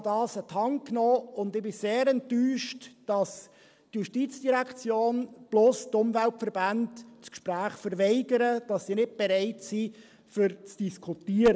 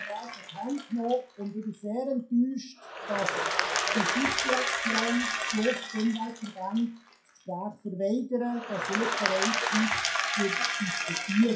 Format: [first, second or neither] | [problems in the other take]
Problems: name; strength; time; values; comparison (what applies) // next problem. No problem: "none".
first | noise reduction (classical method WPE with log-MMSE)